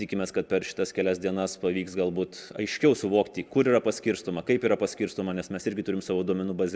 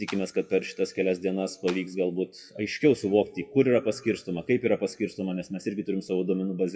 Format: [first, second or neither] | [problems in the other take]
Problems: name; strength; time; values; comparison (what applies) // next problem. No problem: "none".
first | noise reduction (classical method WPE with log-MMSE)